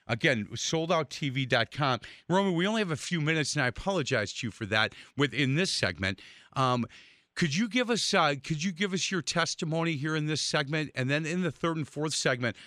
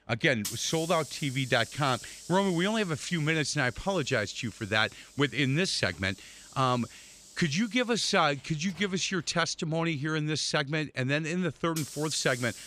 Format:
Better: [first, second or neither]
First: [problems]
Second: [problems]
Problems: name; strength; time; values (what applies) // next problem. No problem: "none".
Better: first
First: none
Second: hiss; noticeable; throughout; 15 dB below the speech